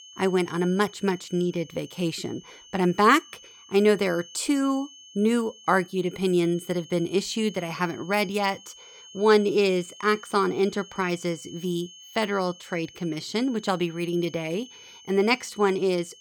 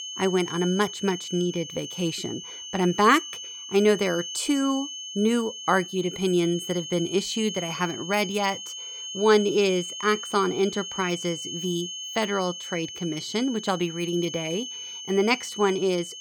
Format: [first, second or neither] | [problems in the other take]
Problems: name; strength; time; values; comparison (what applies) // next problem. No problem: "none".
first | high-pitched whine; loud; throughout; 3 kHz, 9 dB below the speech; faint in the first